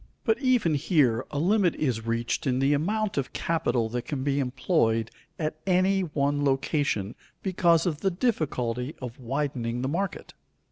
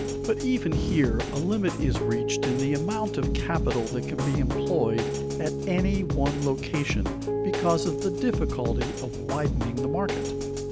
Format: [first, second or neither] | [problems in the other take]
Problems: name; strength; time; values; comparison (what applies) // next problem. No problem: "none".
first | background sound (Piano + Drum kit); as loud as the speech